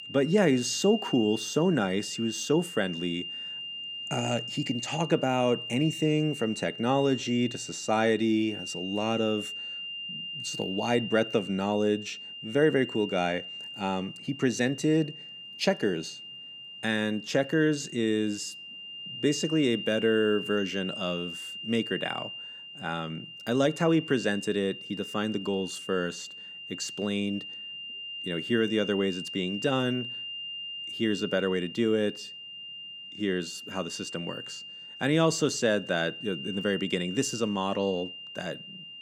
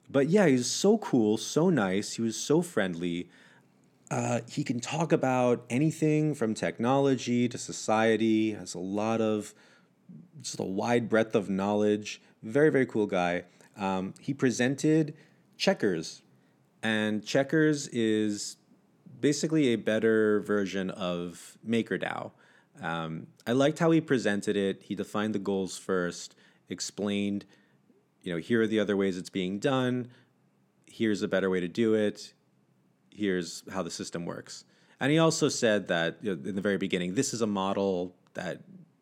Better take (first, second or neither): second